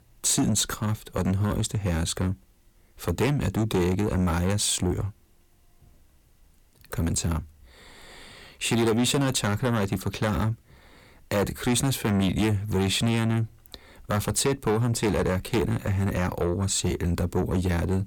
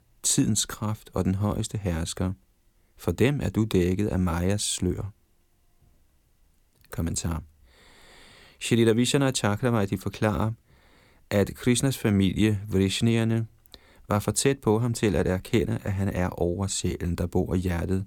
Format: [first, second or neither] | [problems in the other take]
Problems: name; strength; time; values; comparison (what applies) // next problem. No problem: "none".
second | distortion; heavy; 7 dB below the speech